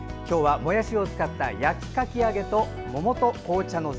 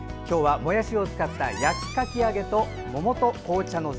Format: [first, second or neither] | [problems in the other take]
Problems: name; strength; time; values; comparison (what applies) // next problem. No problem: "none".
first | background sound (Squeak); 15 dB below the speech